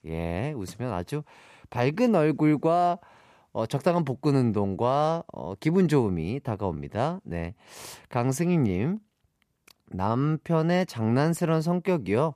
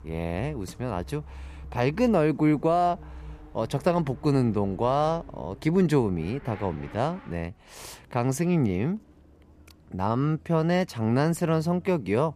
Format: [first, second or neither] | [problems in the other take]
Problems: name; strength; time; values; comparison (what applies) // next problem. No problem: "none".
first | traffic noise; faint; throughout; 20 dB below the speech